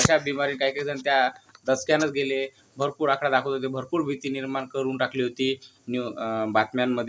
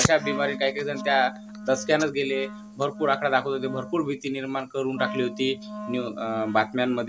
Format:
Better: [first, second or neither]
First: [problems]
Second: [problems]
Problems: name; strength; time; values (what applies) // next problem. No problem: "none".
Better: first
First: none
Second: background sound (Wind instrument, woodwind instrument); 12 dB below the speech